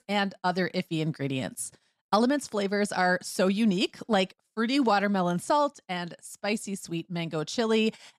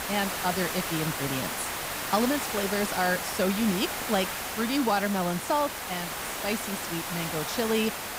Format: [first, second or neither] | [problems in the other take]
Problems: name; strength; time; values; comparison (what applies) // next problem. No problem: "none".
first | hiss; loud; throughout; 2 dB below the speech